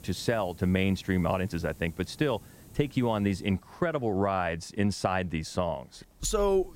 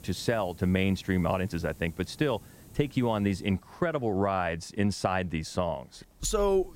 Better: neither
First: hiss; faint; throughout; 25 dB below the speech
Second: hiss; faint; throughout; 25 dB below the speech

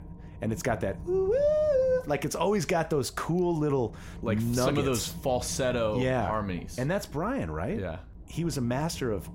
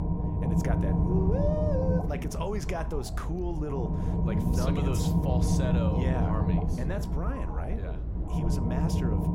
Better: first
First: low rumble; faint; throughout; 25 dB below the speech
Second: low rumble; loud; throughout; 1 dB below the speech

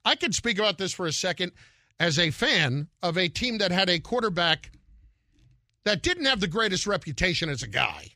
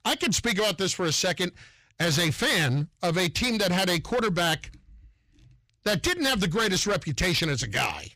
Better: first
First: none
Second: distortion; heavy; 15% of the sound clipped

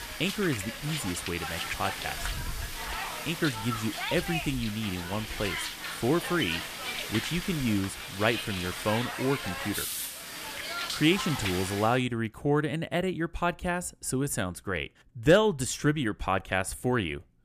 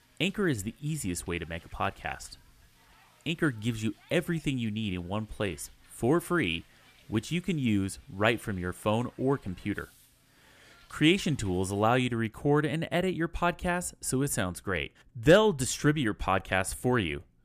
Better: second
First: hiss; loud; until 12 s; 4 dB below the speech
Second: hiss; faint; until 12 s; 30 dB below the speech

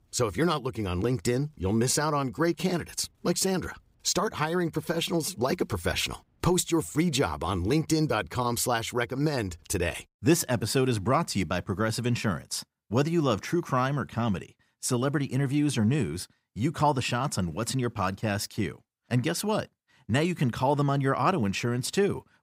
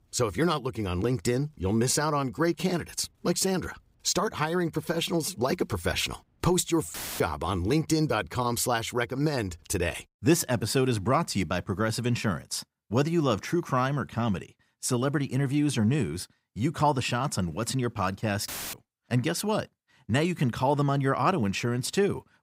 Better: first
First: none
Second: audio cutting out; filled with static; at 7 s and at 18 s

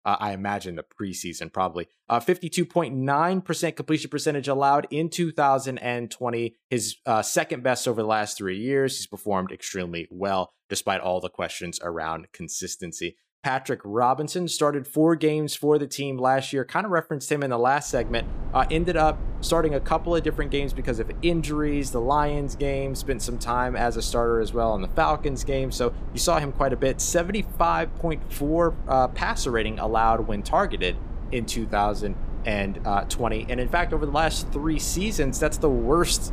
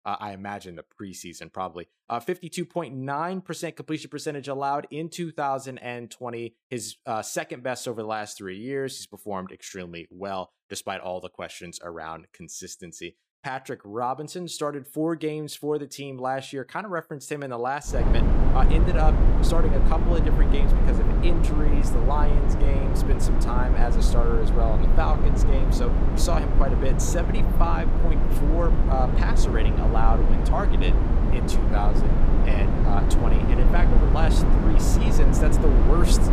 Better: first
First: low rumble; faint; from 18 s on; 20 dB below the speech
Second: low rumble; loud; from 18 s on; 1 dB below the speech

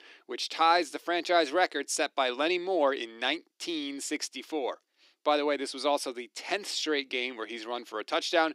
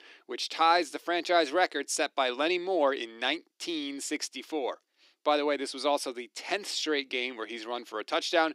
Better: neither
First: thin; somewhat; fading below 300 Hz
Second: thin; somewhat; fading below 300 Hz

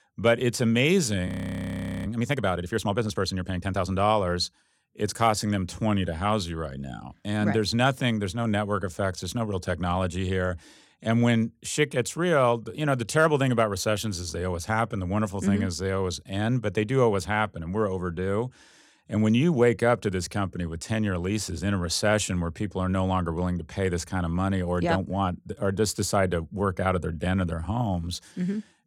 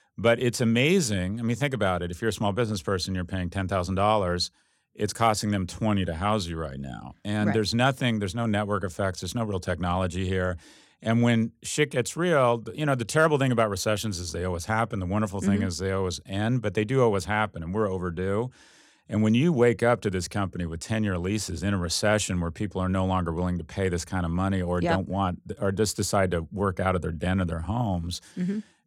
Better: second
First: audio freezing; at 1.5 s for 1 s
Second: none

